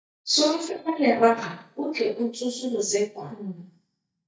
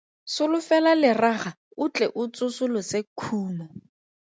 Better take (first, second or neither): second